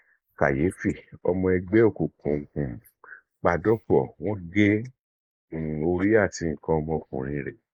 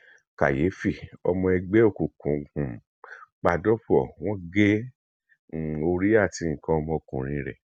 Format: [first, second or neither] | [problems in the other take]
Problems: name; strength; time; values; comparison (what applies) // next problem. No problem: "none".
second | noise reduction (neural mask model Resemble Enhance denoiser)